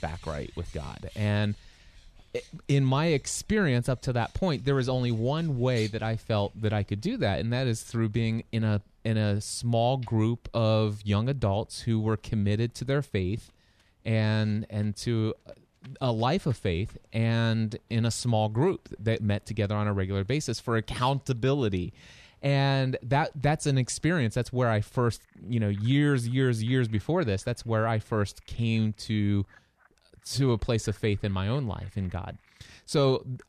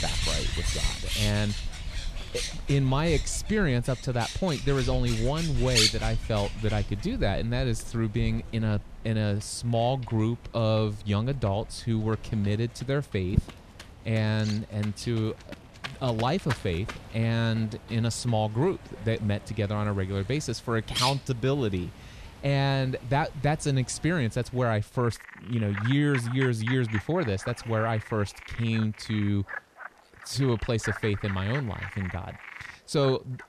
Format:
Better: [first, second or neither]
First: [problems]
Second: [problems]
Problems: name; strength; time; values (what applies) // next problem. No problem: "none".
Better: first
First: animal sounds; faint; throughout; 25 dB below the speech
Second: animal sounds; loud; throughout; 6 dB below the speech